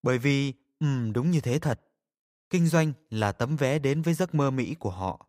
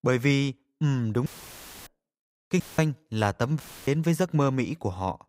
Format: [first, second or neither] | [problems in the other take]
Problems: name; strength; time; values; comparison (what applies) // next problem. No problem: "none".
first | audio cutting out; filled with static; at 1.5 s for 0.5 s, at 2.5 s and at 3.5 s